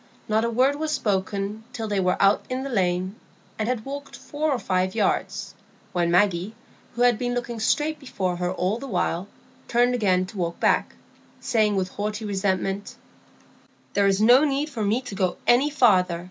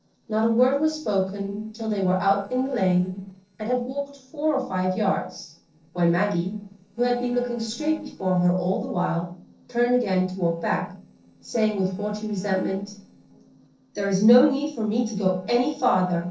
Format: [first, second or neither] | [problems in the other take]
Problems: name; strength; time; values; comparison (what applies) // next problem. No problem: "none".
first | noise reduction (neural separator model SepFormer DNS4)